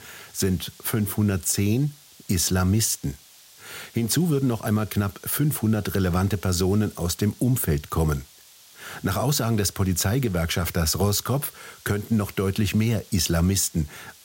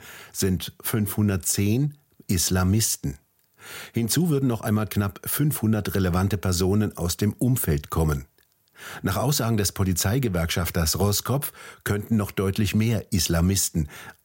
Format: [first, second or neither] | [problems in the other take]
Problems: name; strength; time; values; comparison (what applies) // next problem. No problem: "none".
second | hiss; faint; throughout; 25 dB below the speech